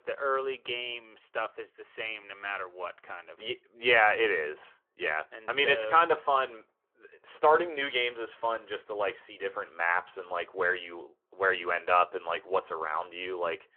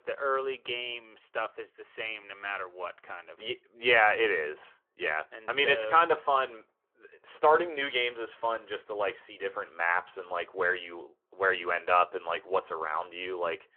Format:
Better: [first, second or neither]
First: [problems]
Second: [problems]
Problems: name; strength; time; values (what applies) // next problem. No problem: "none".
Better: neither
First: phone-call audio; nothing above 3 kHz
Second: phone-call audio; nothing above 3 kHz